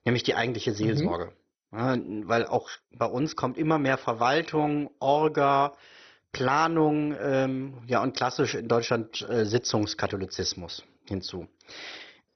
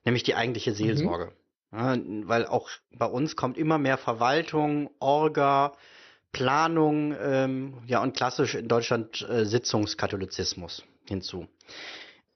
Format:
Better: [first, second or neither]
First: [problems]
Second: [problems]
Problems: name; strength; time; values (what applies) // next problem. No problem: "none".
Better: second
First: garbled, watery; badly; nothing above 6 kHz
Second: garbled, watery; slightly; nothing above 6 kHz